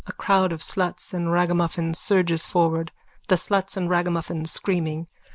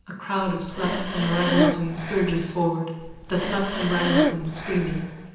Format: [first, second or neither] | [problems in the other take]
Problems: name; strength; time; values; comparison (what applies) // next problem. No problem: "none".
first | background sound (Breathing); 2 dB below the speech // room echo; dies away in 0.9 s